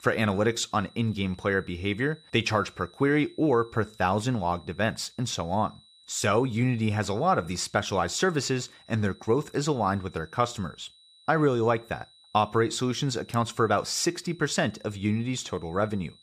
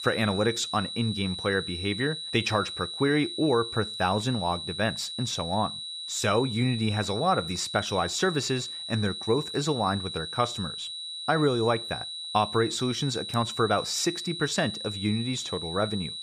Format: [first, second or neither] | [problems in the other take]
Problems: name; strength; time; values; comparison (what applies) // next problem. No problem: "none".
first | high-pitched whine; loud; throughout; 4 kHz, 6 dB below the speech; faint in the first